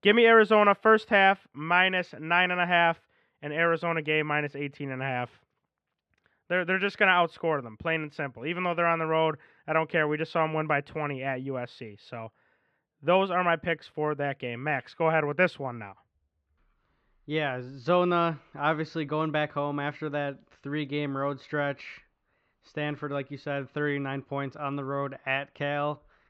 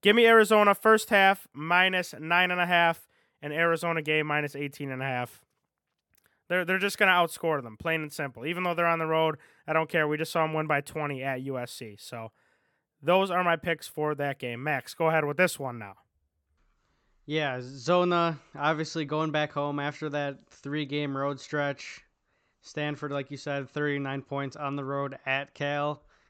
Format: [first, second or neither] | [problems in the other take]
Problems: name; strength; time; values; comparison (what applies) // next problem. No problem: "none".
second | muffled; slightly; fading above 3.5 kHz